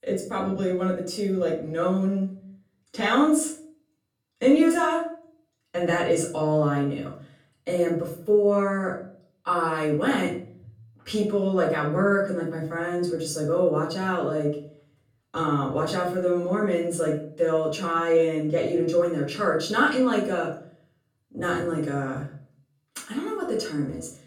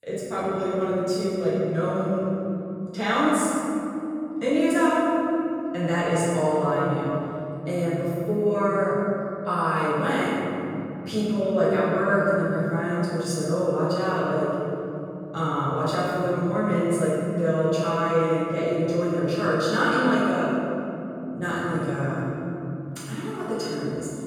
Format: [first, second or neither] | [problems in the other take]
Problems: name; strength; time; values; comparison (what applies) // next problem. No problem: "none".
first | room echo; strong; dies away in 3 s; slight in the first // off-mic speech; far; far in the first